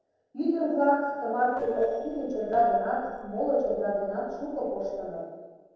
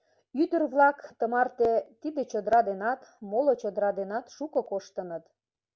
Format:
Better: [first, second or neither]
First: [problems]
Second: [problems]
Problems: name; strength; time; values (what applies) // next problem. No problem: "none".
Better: second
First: noise reduction (neural separator model SepFormer DNS4)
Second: none